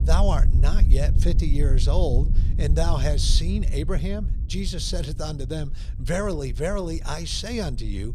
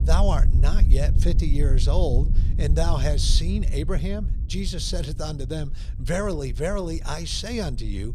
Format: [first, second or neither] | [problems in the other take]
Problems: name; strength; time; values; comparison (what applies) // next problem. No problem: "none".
neither | low rumble; noticeable; throughout; 15 dB below the speech; the same in both